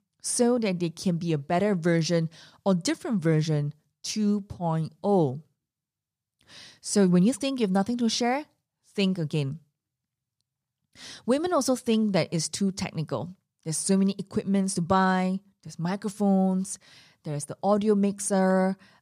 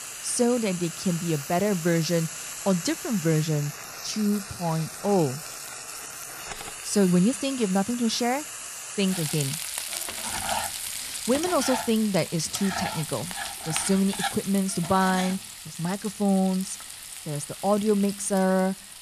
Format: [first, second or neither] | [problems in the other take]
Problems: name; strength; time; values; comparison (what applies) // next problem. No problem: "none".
first | household noises; loud; throughout; 7 dB below the speech